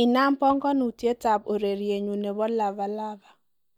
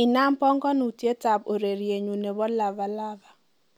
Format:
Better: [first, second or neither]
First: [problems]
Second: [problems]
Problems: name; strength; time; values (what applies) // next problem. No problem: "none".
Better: second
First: noise reduction (neural mask model DeepFilterNet 3)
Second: none